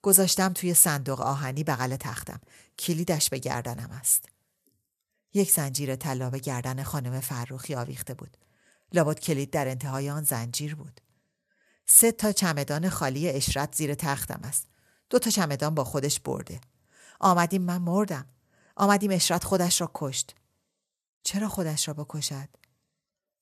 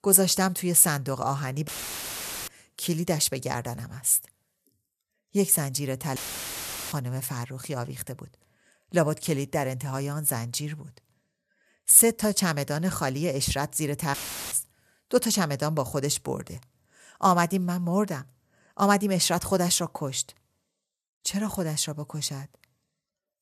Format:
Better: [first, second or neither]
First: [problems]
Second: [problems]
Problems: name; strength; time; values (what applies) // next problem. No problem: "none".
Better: first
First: none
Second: audio cutting out; filled with static; at 1.5 s for 1 s, at 6 s for 1 s and at 14 s